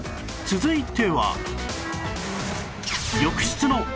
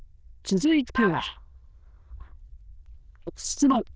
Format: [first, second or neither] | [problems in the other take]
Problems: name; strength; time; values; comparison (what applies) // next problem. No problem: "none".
first | noise reduction (neural diffusion model UNIVERSE++)